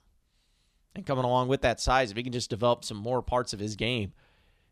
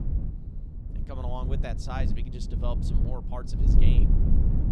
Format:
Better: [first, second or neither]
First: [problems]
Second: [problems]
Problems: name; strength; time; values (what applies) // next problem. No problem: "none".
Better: first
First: none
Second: low rumble; loud; throughout; 2 dB below the speech